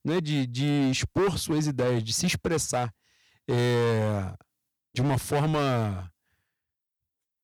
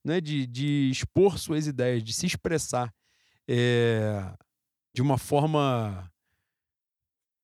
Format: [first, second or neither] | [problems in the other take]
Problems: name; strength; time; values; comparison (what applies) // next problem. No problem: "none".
second | distortion; heavy; 12% of the sound clipped